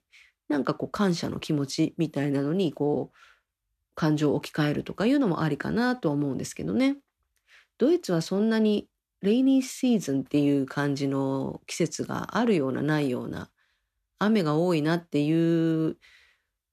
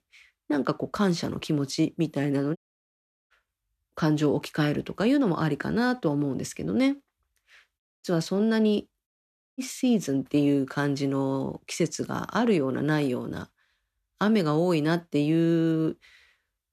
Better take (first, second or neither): first